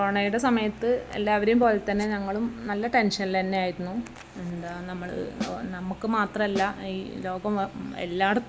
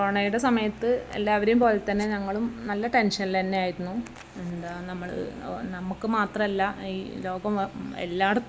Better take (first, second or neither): second